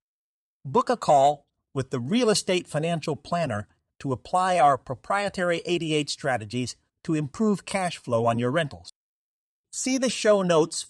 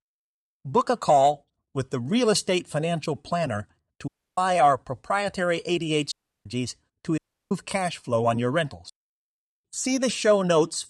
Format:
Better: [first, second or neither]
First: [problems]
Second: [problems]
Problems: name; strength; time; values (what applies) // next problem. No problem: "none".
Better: first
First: none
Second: audio cutting out; at 4 s, at 6 s and at 7 s